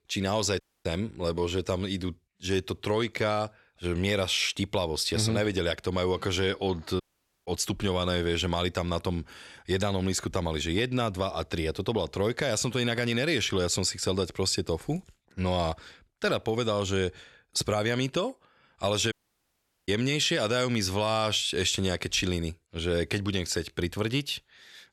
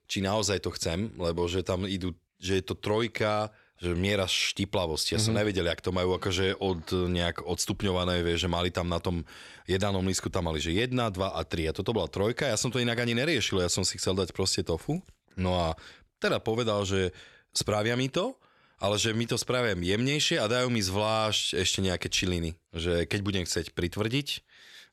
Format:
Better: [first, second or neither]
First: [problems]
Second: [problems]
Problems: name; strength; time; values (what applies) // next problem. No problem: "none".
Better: second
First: audio cutting out; at 0.5 s, at 7 s and at 19 s for 1 s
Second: none